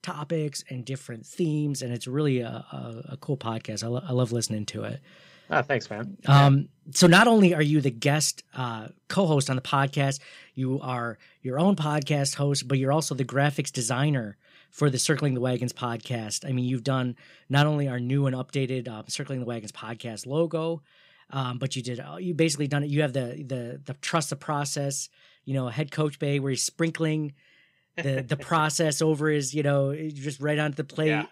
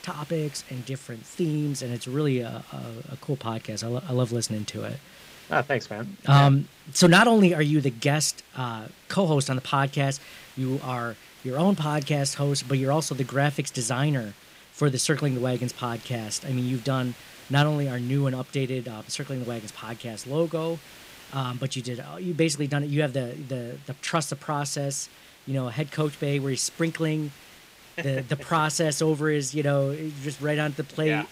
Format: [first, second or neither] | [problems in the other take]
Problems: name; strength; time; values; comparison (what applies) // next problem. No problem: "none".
first | hiss; faint; throughout; 20 dB below the speech